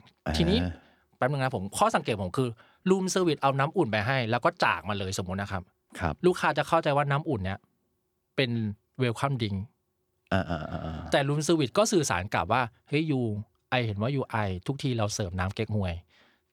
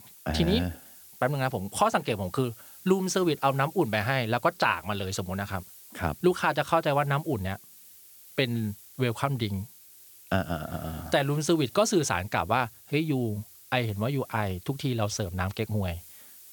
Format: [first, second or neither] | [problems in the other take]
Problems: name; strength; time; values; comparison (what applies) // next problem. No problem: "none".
first | hiss; noticeable; throughout; 20 dB below the speech